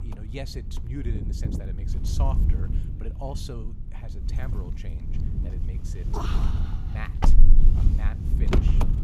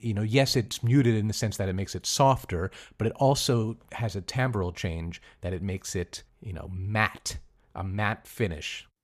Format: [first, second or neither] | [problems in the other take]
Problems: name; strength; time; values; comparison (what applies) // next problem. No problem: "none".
second | wind noise on the microphone; heavy; 3 dB above the speech